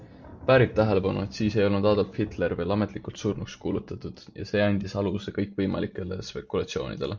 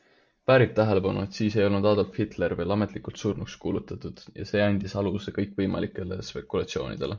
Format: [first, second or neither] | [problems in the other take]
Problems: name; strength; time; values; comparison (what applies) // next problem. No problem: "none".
second | background sound (Thunder); 20 dB below the speech